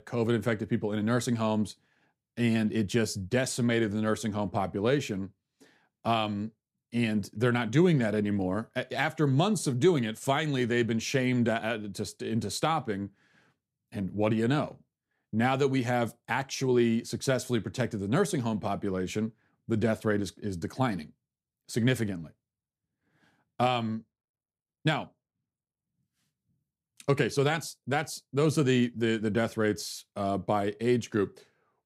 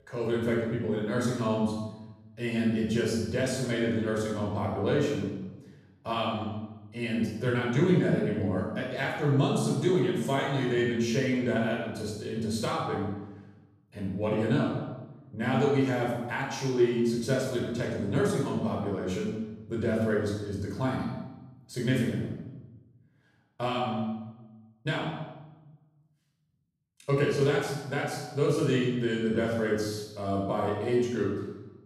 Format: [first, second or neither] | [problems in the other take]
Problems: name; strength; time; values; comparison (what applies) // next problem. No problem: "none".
first | off-mic speech; far // room echo; noticeable; dies away in 0.9 s